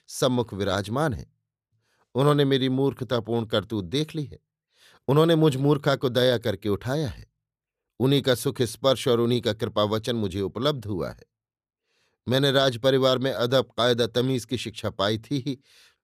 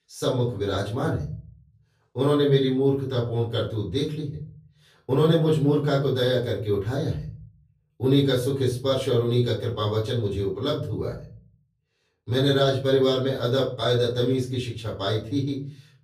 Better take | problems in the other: first | off-mic speech; far // room echo; slight; dies away in 0.6 s

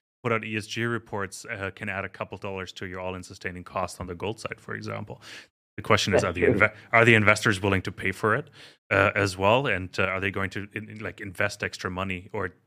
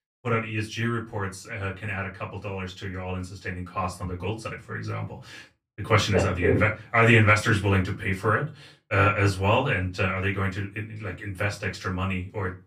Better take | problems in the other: first | off-mic speech; far // room echo; very slight; dies away in 0.2 s

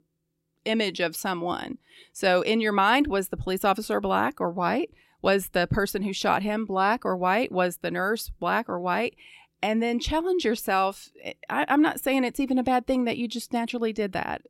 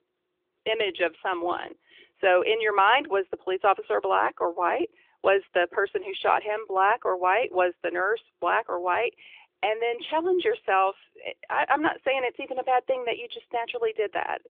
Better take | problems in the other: first | phone-call audio

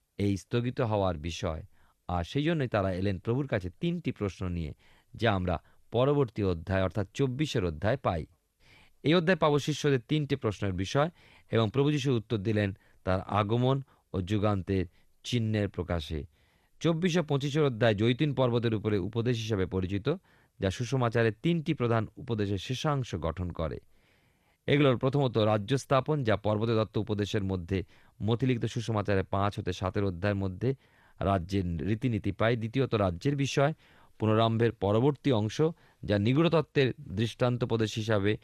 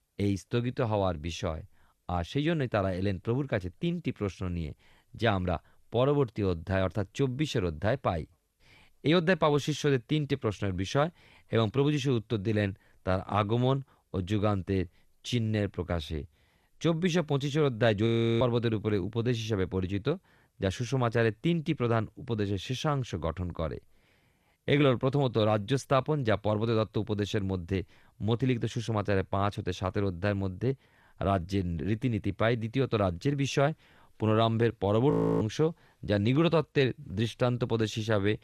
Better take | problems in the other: first | audio freezing; at 18 s and at 35 s

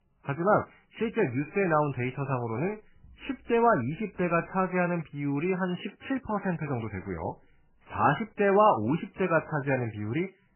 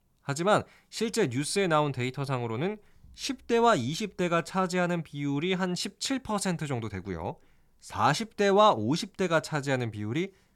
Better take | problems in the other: second | garbled, watery; badly; nothing above 3 kHz

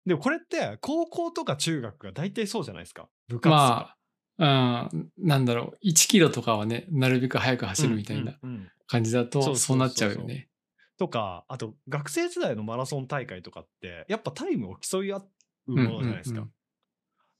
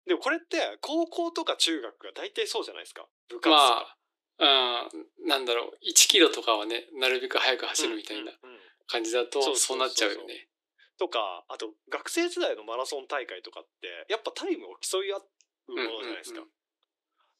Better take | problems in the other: first | thin; very; fading below 300 Hz

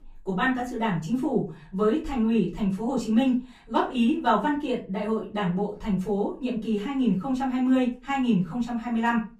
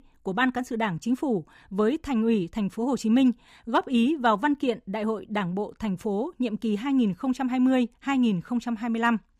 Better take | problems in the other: second | off-mic speech; far // room echo; slight; dies away in 0.3 s

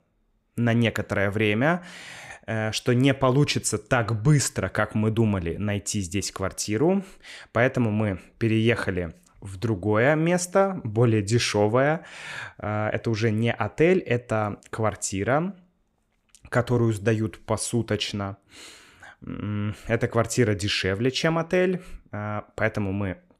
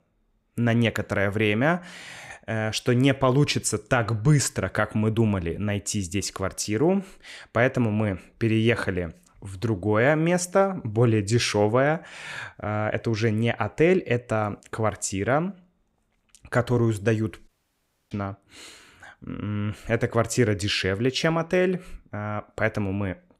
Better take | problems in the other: first | audio cutting out; at 17 s for 0.5 s

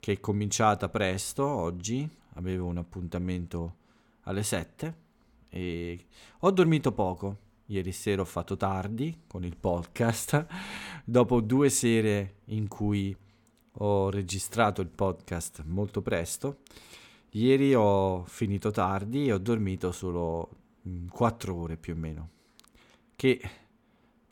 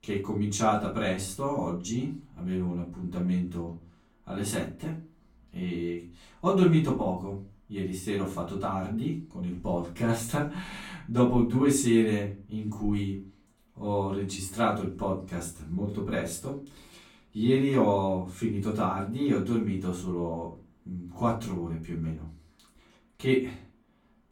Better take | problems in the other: first | off-mic speech; far // room echo; slight; dies away in 0.3 s

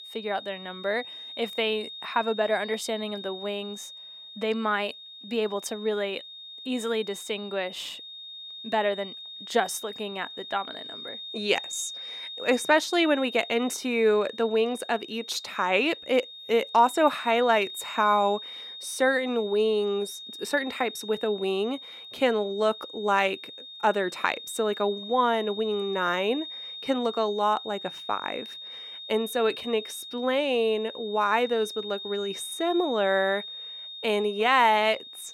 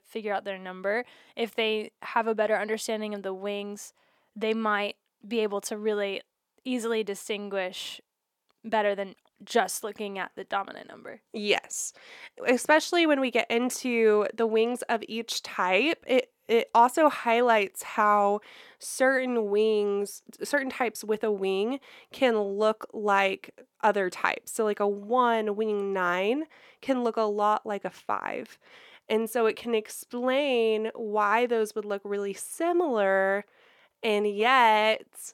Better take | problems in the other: second | high-pitched whine; noticeable; throughout; 3.5 kHz, 10 dB below the speech

